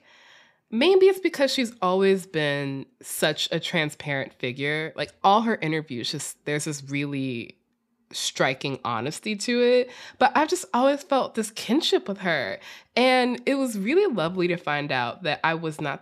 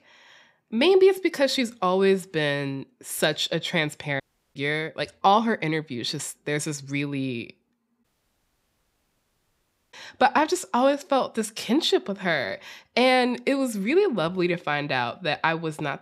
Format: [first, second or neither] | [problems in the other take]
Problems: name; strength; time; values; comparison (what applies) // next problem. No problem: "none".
first | audio cutting out; at 4 s and at 8 s for 2 s